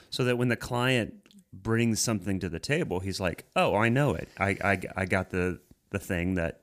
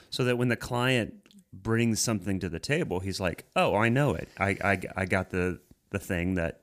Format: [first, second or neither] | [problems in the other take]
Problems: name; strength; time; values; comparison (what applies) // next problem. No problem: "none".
neither | none